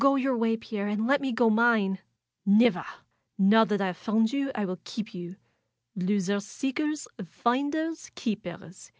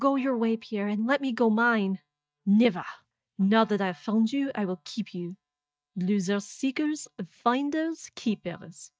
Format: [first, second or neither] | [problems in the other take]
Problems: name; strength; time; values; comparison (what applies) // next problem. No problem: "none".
first | noise reduction (neural mask model DeepFilterNet 3)